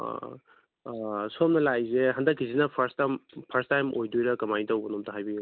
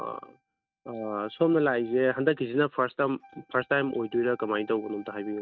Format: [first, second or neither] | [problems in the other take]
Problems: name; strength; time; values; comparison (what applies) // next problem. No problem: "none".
first | noise reduction (neural mask model RNNoise)